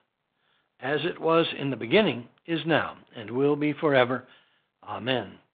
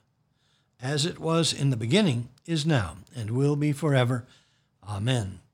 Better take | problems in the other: second | phone-call audio; nothing above 3.5 kHz

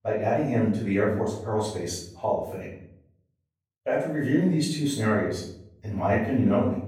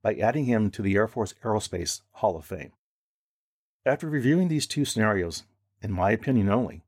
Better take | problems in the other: second | off-mic speech; far // room echo; noticeable; dies away in 0.6 s

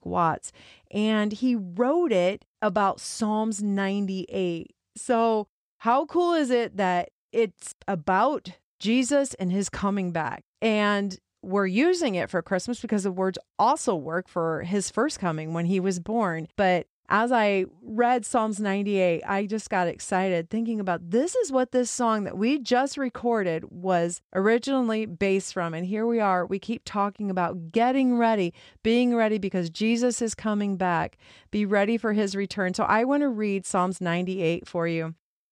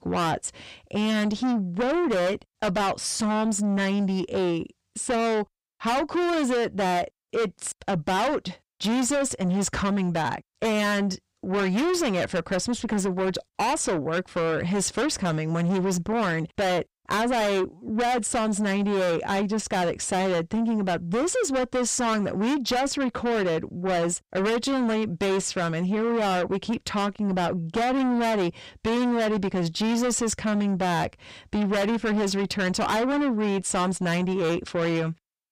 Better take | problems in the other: first | distortion; heavy; 6 dB below the speech

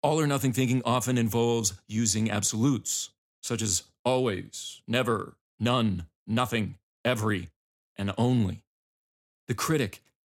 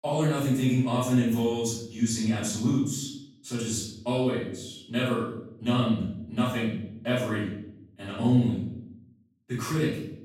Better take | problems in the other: first | room echo; noticeable; dies away in 0.7 s // off-mic speech; far

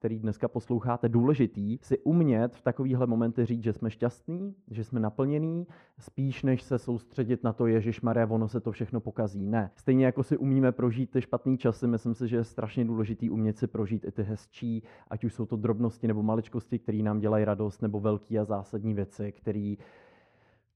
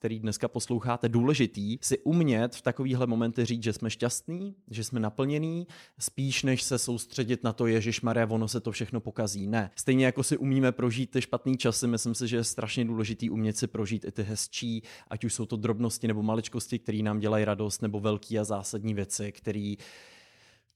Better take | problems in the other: second | muffled; very; fading above 3 kHz

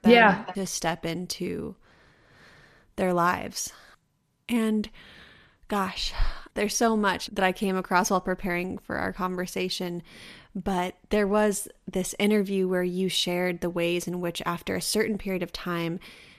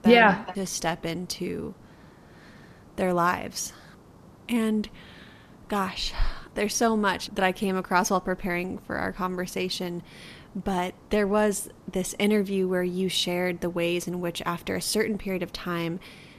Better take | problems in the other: first | hiss; faint; throughout; 25 dB below the speech

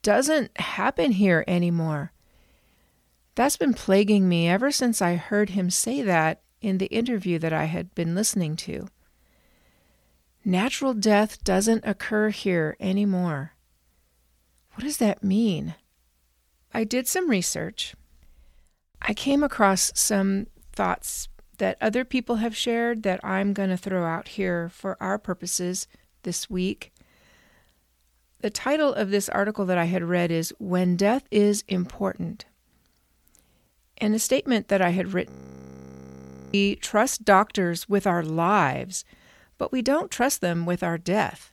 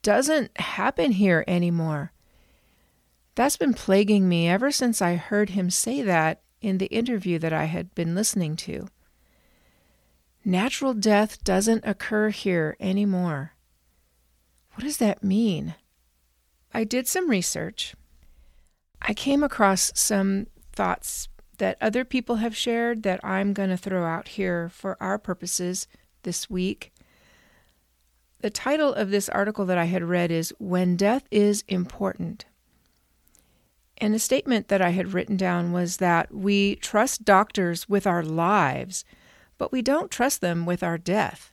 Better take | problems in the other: second | audio freezing; at 35 s for 1.5 s

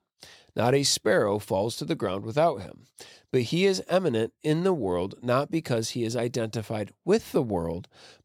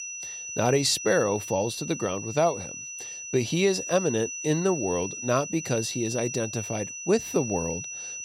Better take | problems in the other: first | high-pitched whine; loud; throughout; 6 kHz, 7 dB below the speech

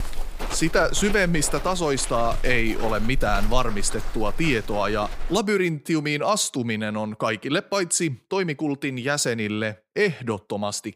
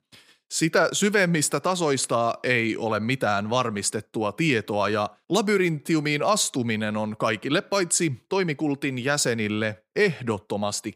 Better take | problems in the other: second | footsteps; noticeable; until 5.5 s; peak 7 dB below the speech

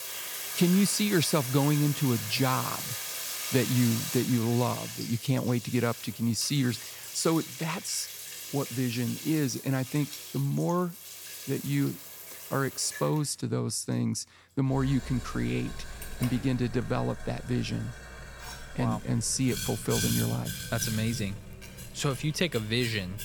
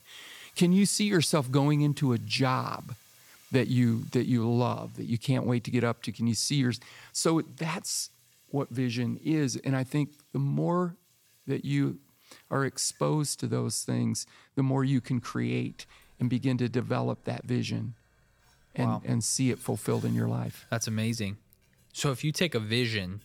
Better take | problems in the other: second | household noises; loud; throughout; 8 dB below the speech; faint in the second

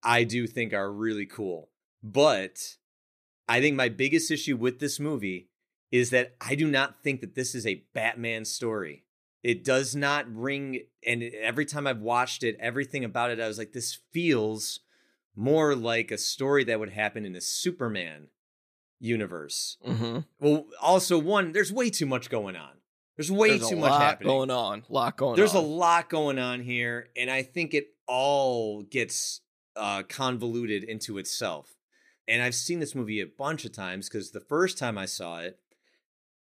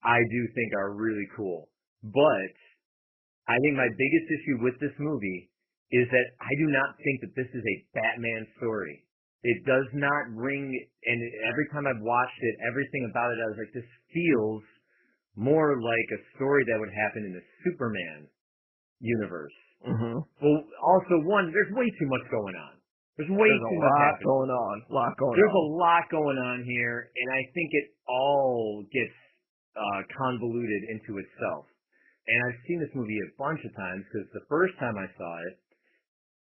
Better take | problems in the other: first | garbled, watery; badly; nothing above 3 kHz

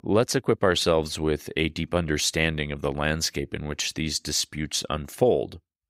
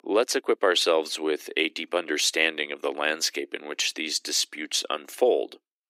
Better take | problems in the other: first | thin; somewhat; fading below 300 Hz

